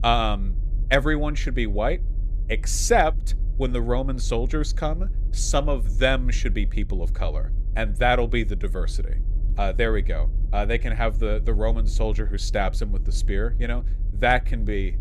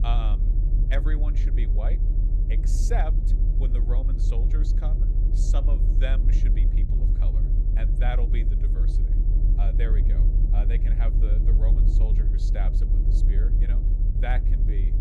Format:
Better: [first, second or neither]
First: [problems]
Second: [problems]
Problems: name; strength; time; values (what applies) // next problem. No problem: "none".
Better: first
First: low rumble; faint; throughout; 25 dB below the speech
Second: low rumble; loud; throughout; 4 dB below the speech